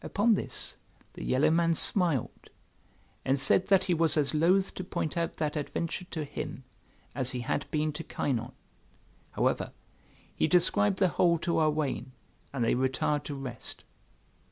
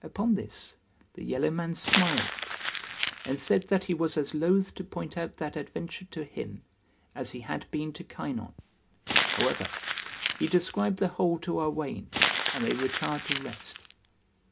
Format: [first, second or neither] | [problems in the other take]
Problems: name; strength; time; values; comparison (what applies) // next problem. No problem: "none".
first | background sound (Crumpling, crinkling); 2 dB below the speech // room echo; dies away in 0.3 s